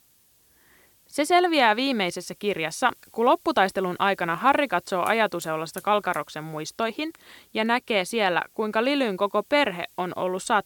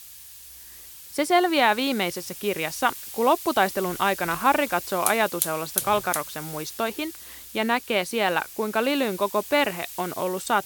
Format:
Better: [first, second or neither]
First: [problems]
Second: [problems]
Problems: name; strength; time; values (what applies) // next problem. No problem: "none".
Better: first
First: hiss; faint; throughout; 25 dB below the speech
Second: hiss; loud; throughout; 9 dB below the speech